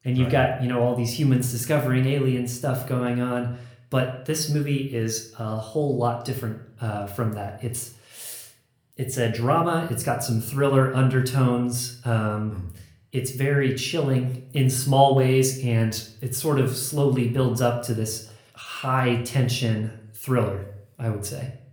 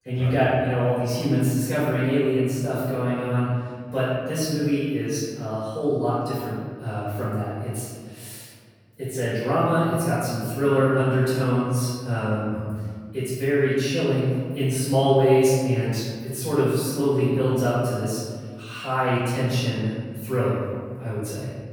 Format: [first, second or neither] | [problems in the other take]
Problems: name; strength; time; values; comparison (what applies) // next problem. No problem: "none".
first | room echo; strong; dies away in 1.7 s; slight in the first // off-mic speech; far; somewhat distant in the first